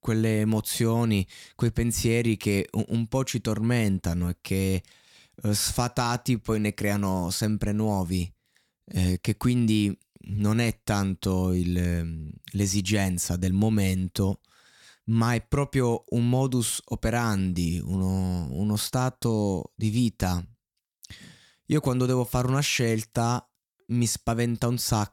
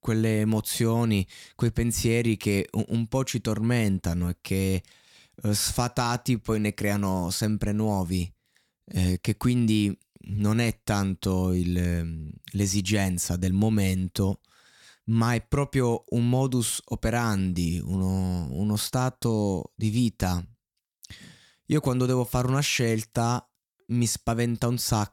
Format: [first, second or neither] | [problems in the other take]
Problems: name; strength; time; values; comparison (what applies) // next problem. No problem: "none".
neither | none